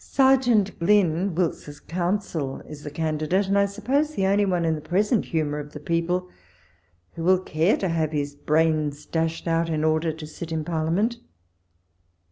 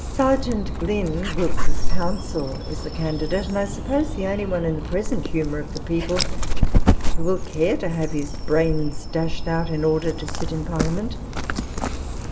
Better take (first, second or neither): first